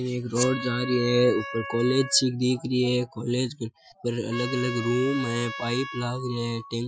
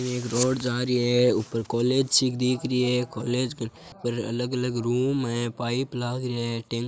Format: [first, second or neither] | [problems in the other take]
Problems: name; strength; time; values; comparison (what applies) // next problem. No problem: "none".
second | noise reduction (classical method Wiener filter)